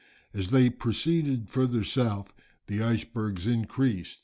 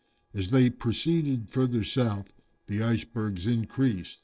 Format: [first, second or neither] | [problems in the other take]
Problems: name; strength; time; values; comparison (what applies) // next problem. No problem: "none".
first | noise reduction (neural separator model SepFormer DNS4)